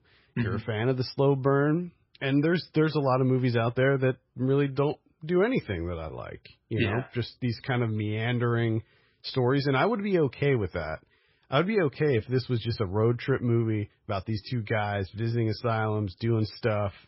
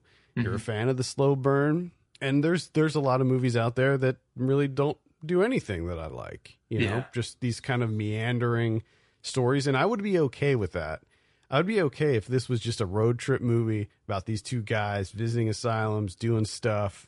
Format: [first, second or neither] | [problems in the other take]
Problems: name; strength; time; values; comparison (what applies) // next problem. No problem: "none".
second | garbled, watery; badly; nothing above 5.5 kHz; slightly in the second